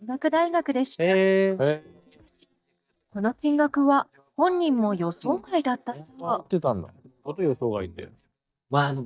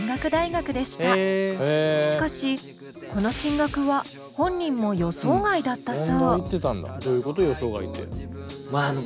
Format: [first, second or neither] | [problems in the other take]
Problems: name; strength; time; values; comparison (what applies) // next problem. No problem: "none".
second | noise reduction (neural mask model DeepFilterNet 3)